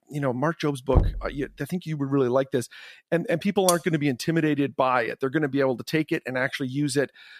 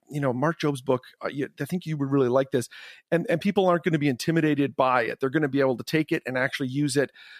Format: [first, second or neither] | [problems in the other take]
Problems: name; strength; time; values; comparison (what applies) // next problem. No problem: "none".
second | door banging; loud; at 1 s; peak level with the speech // clattering dishes; noticeable; at 3.5 s; peak 3 dB below the speech